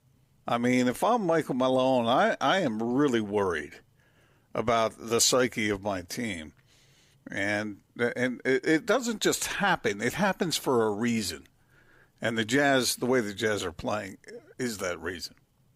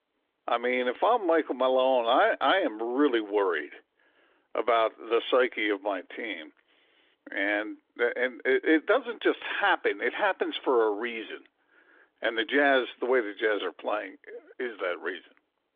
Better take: first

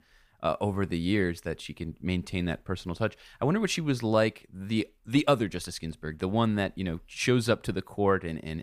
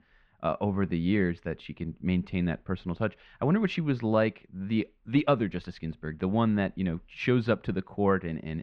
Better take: first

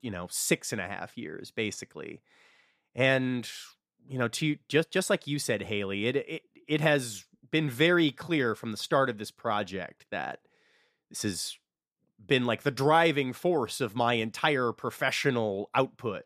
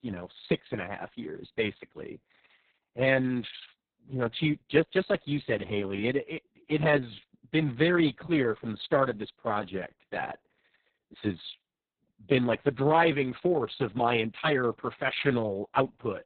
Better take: first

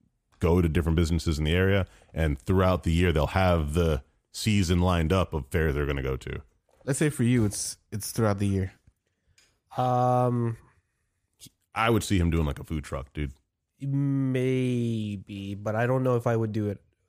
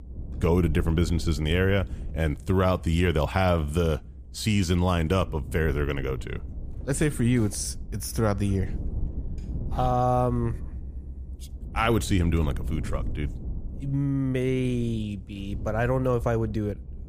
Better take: first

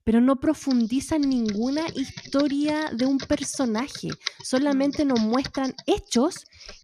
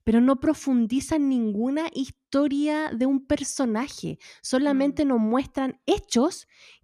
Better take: second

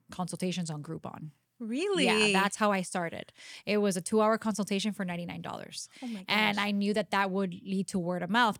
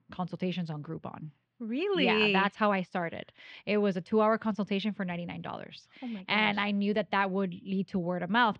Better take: first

